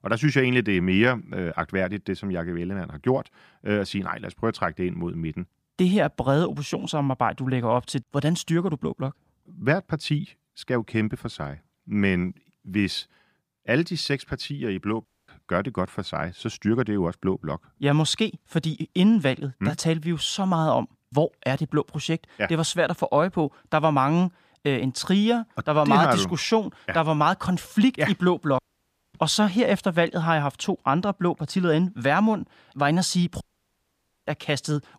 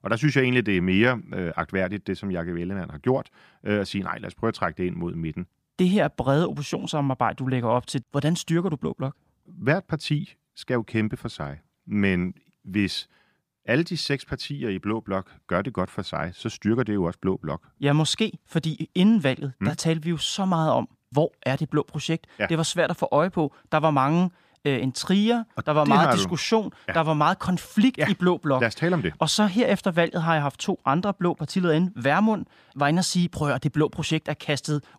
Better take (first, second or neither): second